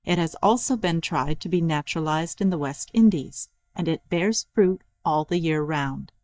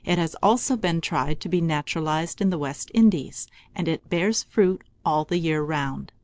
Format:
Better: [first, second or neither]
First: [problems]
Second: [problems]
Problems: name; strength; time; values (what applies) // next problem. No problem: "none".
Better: second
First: noise reduction (neural mask model DeepFilterNet 3)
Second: none